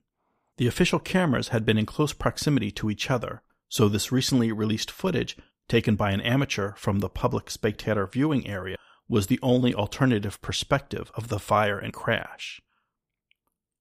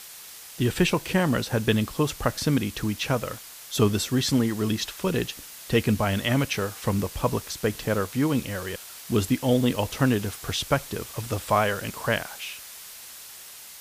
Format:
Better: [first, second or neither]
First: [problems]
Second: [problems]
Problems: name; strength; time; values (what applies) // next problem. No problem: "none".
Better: first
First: none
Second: hiss; noticeable; throughout; 15 dB below the speech